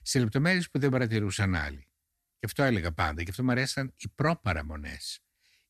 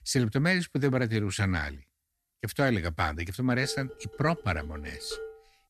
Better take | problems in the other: first | clattering dishes; faint; from 3.5 s on; peak 10 dB below the speech

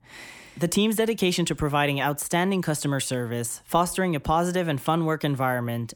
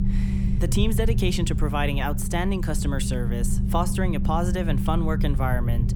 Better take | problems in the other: first | low rumble; loud; throughout; 9 dB below the speech

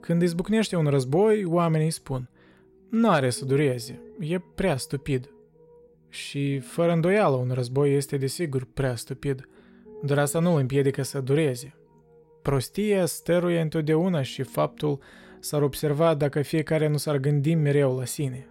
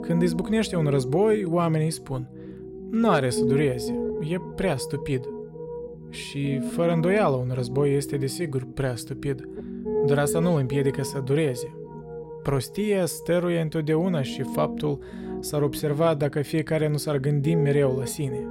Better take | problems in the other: first | background music; loud; throughout; 8 dB below the speech; faint in the first

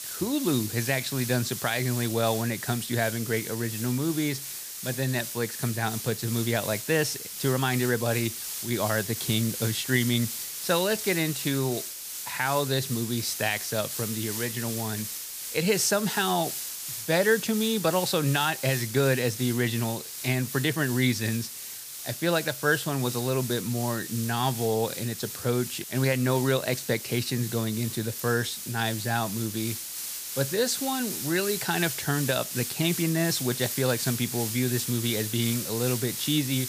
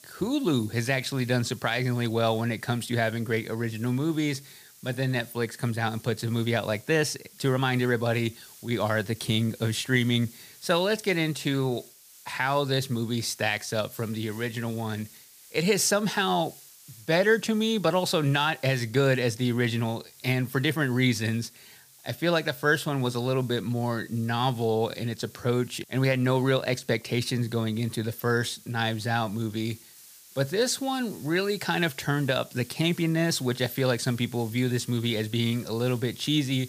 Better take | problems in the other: second | hiss; loud; throughout; 5 dB below the speech; faint in the second

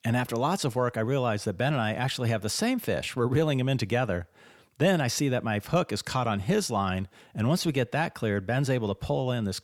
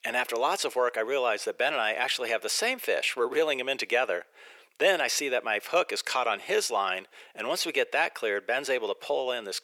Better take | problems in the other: first | thin; very; fading below 400 Hz

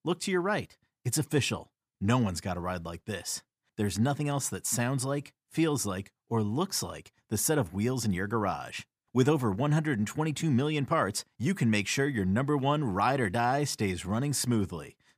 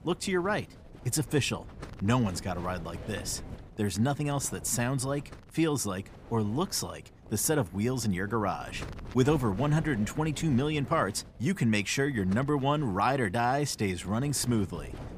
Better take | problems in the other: first | wind noise on the microphone; occasional gusts; 20 dB below the speech

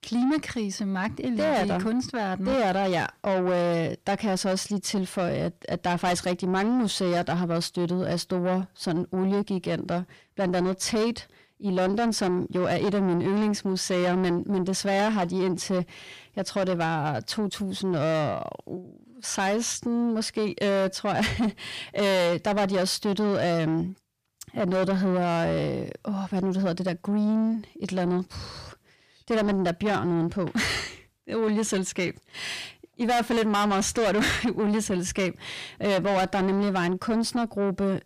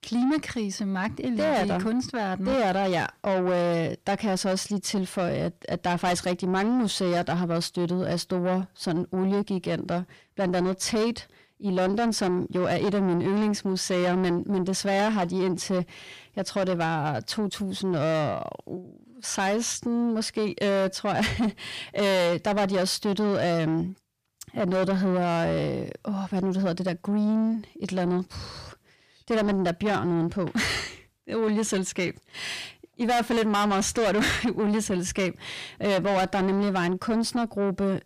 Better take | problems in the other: neither | distortion; heavy; 8 dB below the speech; the same in both

